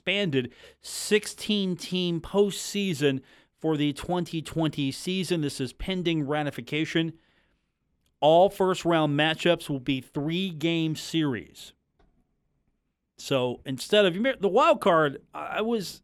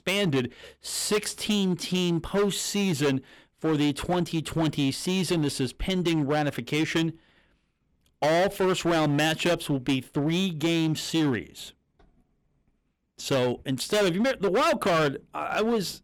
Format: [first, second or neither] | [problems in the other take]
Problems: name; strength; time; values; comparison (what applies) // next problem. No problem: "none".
first | distortion; heavy; 13% of the sound clipped